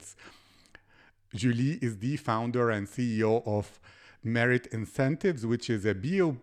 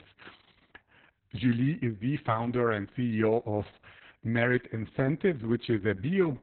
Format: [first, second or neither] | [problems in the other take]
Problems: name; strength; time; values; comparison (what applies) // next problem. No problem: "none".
first | garbled, watery; badly; nothing above 4 kHz